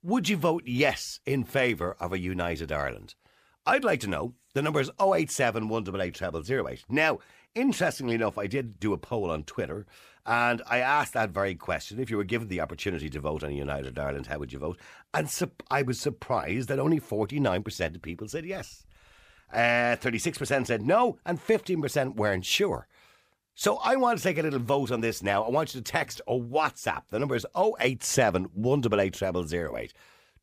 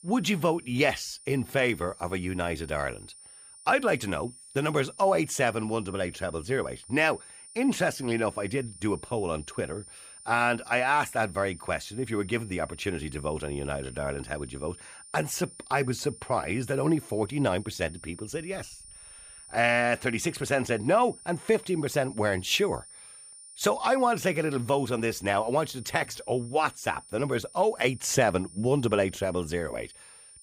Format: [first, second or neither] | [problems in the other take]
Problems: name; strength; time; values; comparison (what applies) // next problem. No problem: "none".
first | high-pitched whine; noticeable; throughout; 9.5 kHz, 20 dB below the speech